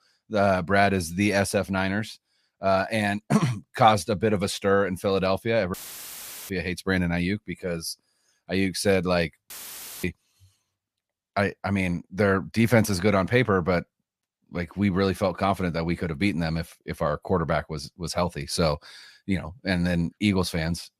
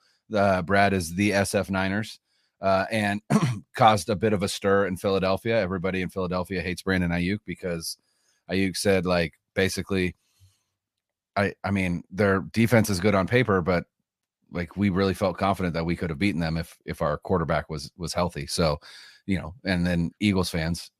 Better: second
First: audio cutting out; filled with static; at 5.5 s for 1 s and at 9.5 s for 0.5 s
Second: none

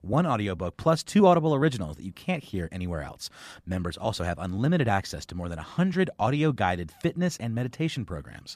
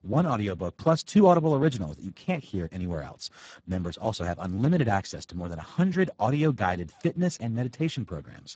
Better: first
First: none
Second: garbled, watery; badly; nothing above 7.5 kHz

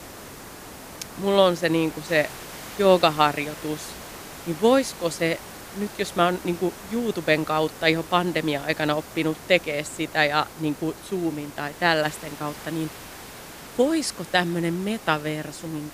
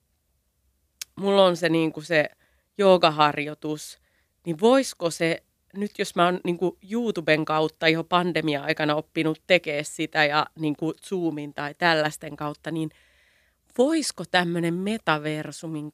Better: second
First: hiss; noticeable; throughout; 15 dB below the speech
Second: none

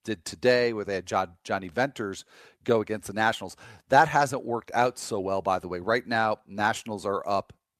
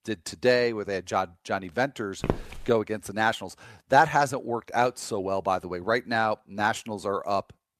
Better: first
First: none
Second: footsteps; noticeable; at 2 s; peak 4 dB below the speech

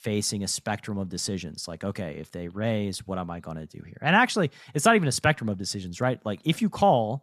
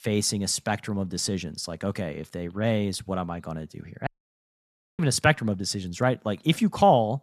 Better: first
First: none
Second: audio cutting out; at 4 s for 1 s

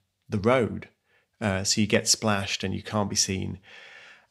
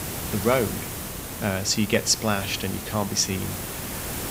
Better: first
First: none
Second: hiss; loud; throughout; 7 dB below the speech

